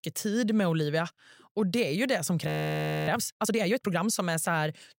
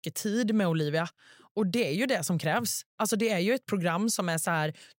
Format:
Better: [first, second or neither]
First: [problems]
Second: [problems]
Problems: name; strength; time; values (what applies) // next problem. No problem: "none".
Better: second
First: audio freezing; at 2.5 s for 0.5 s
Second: none